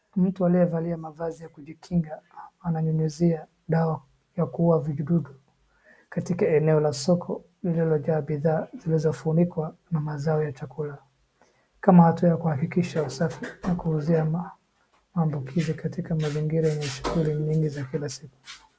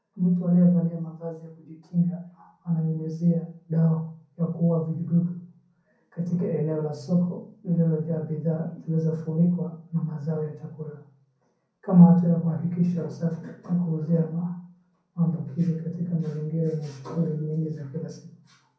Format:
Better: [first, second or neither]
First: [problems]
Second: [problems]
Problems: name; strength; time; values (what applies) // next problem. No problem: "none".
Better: first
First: none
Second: room echo; dies away in 0.6 s